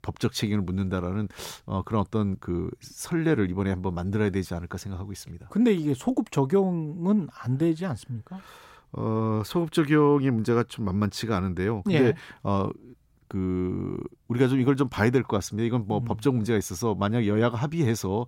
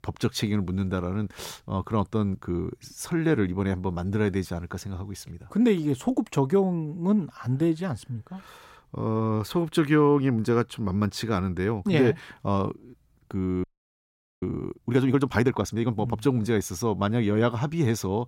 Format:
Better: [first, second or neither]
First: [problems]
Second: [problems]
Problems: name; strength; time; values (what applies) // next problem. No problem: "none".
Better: first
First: none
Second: audio freezing; at 14 s for 1 s